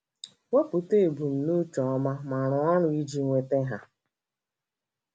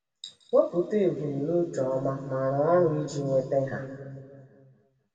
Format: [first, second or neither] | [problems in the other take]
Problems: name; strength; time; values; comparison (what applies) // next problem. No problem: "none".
first | room echo; dies away in 1.7 s